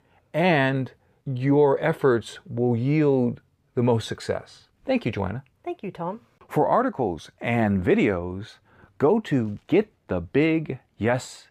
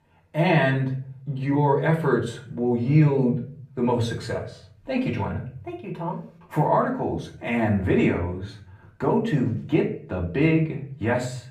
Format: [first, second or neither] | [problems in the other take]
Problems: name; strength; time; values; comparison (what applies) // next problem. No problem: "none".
first | off-mic speech; far // room echo; slight; dies away in 0.5 s